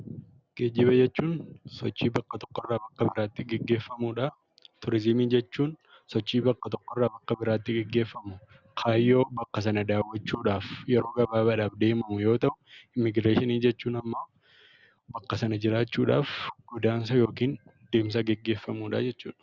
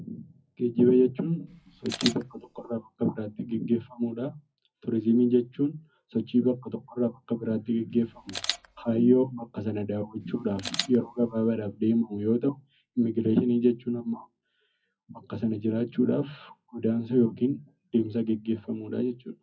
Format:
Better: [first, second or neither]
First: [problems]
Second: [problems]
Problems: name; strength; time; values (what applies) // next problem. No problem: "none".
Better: first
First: none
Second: noise reduction (classical method WPE with log-MMSE)